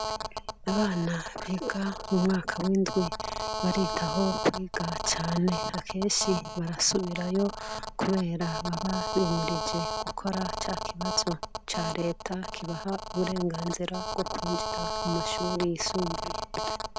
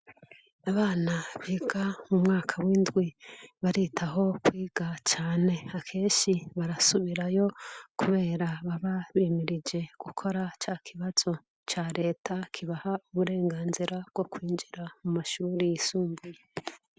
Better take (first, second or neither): second